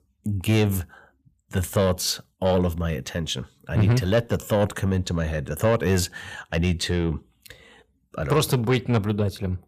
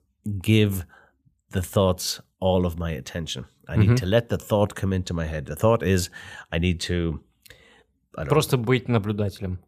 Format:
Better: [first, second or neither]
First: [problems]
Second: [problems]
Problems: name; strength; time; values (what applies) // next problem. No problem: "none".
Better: second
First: distortion; slight; 10 dB below the speech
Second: none